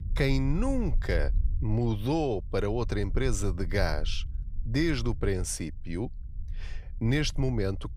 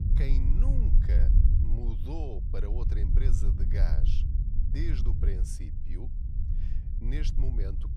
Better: first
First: low rumble; faint; throughout; 25 dB below the speech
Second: low rumble; loud; throughout; 2 dB below the speech

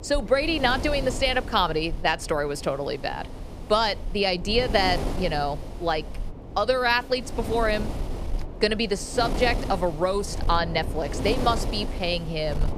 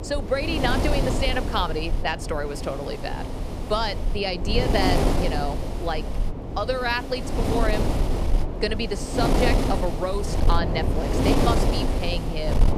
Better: first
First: wind noise on the microphone; occasional gusts; 15 dB below the speech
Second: wind noise on the microphone; heavy; 3 dB below the speech

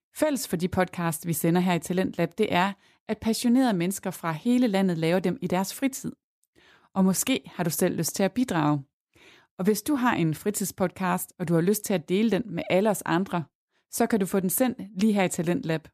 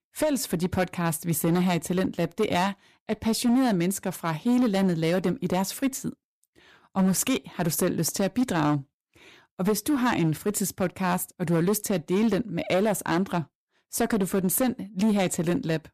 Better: first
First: none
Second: distortion; slight; 8% of the sound clipped

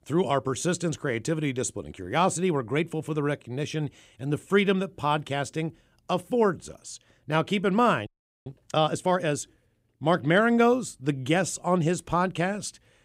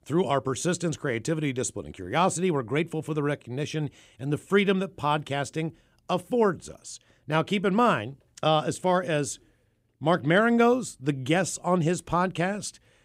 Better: second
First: audio freezing; at 8 s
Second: none

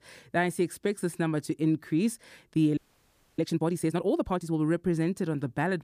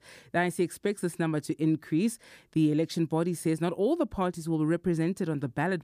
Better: second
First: audio freezing; at 3 s for 0.5 s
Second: none

